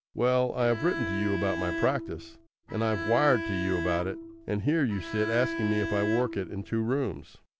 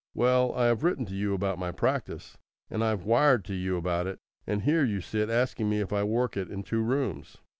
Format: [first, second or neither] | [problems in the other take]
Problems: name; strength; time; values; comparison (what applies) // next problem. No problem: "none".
second | background sound (Bowed string instrument); 6 dB below the speech